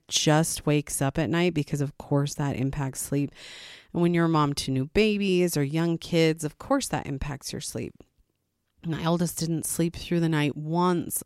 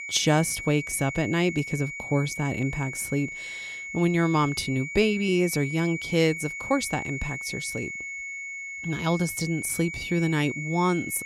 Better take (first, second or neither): first